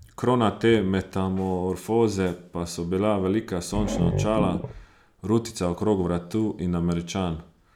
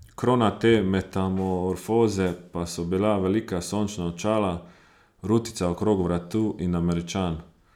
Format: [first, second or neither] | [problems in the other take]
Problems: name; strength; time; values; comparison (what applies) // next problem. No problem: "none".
second | background sound (Growling); 5 dB below the speech